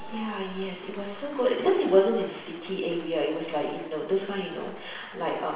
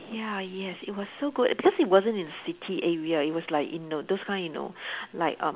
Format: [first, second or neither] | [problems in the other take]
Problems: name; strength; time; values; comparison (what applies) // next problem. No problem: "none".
second | background sound (Applause / Crowd / Cheering); 20 dB below the speech // room echo; dies away in 0.8 s